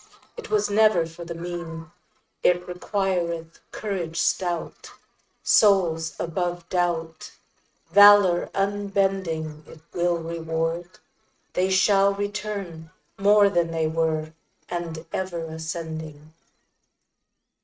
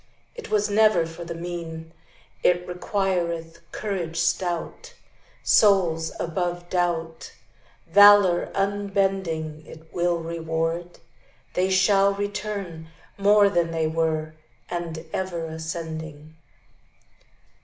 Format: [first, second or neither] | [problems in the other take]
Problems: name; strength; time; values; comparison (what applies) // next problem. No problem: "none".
second | noise reduction (neural mask model RNNoise)